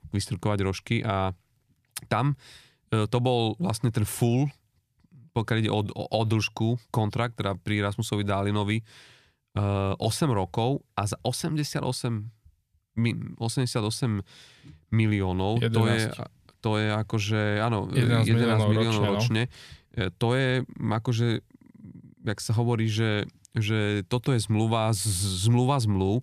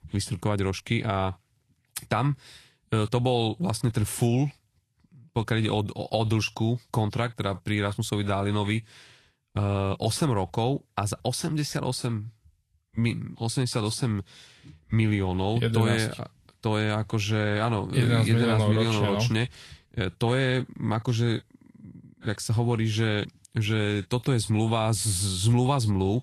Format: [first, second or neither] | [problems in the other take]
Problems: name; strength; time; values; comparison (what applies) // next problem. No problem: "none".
first | garbled, watery; slightly; nothing above 11.5 kHz